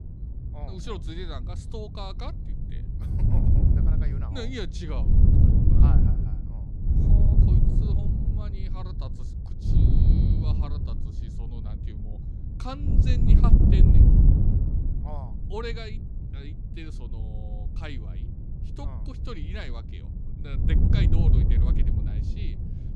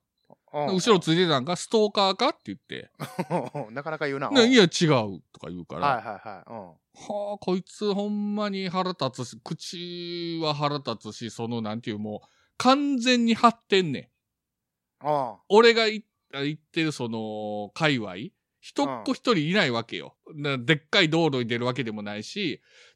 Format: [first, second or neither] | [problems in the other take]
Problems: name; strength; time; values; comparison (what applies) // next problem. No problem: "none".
second | wind noise on the microphone; heavy; 4 dB above the speech